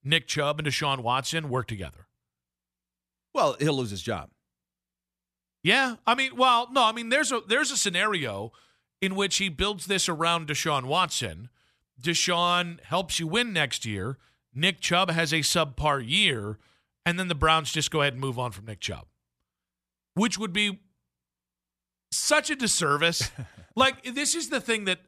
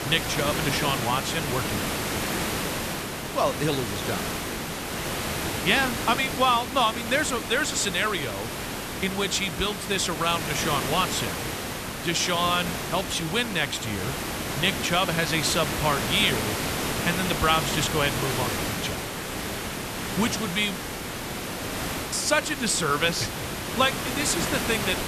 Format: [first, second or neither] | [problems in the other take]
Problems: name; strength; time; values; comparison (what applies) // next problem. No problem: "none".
first | hiss; loud; throughout; 3 dB below the speech